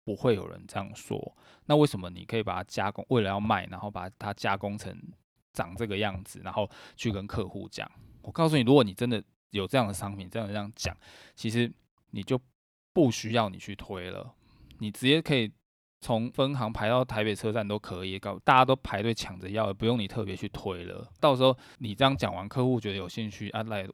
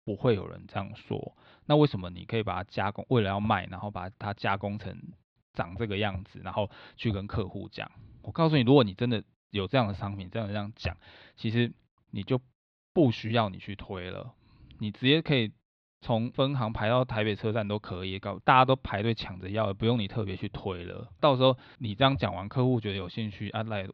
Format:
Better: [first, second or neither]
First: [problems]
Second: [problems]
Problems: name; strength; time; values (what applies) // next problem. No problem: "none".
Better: first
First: none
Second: muffled; very slightly; fading above 4 kHz